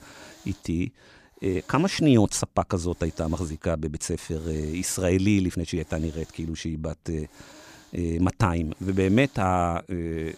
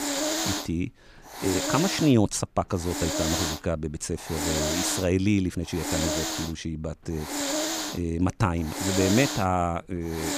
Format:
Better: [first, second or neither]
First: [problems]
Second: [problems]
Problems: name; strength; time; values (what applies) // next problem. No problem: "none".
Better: first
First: hiss; faint; throughout; 25 dB below the speech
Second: hiss; loud; throughout; 1 dB below the speech